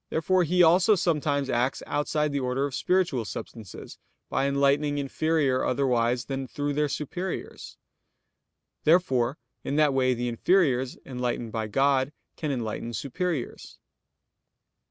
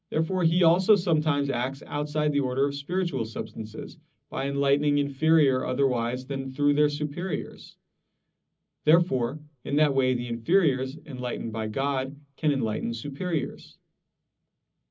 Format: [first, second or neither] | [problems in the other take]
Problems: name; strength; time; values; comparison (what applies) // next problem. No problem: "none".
first | room echo; dies away in 0.4 s